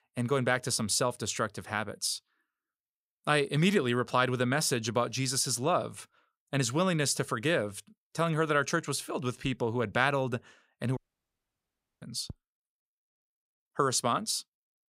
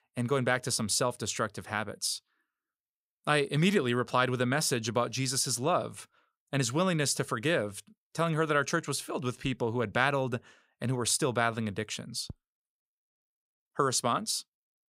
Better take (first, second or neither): second